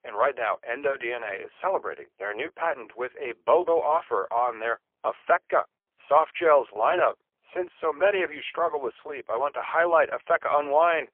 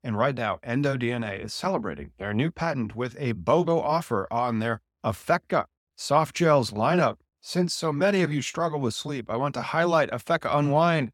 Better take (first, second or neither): second